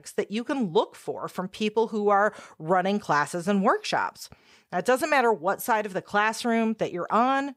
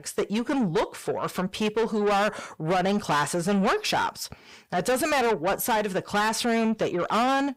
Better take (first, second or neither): first